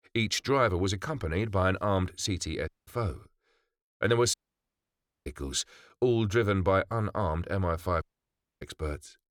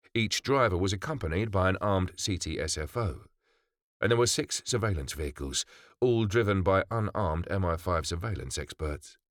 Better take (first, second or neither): second